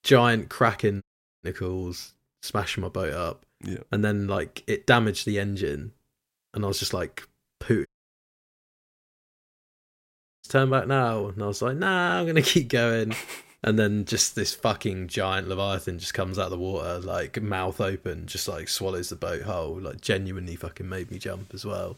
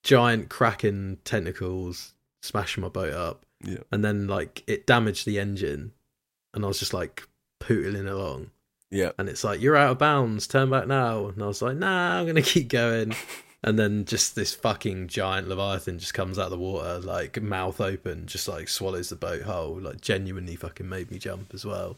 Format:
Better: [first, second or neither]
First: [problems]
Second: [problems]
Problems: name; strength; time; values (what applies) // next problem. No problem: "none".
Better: second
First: audio cutting out; at 1 s and at 8 s for 2.5 s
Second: none